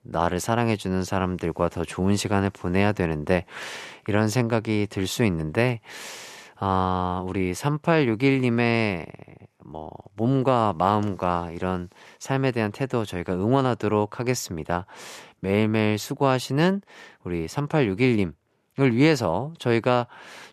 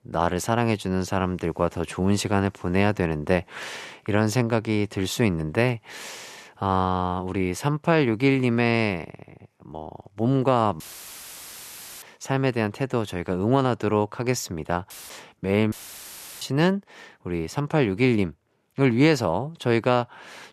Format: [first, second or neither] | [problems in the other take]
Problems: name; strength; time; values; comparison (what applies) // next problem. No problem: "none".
first | audio cutting out; filled with static; at 11 s for 1 s, at 15 s and at 16 s for 0.5 s